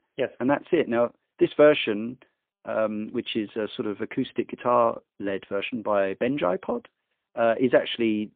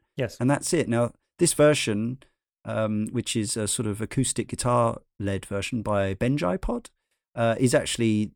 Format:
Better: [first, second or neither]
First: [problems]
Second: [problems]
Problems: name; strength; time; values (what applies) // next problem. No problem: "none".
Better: second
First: phone-call audio; poor line; nothing above 3 kHz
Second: none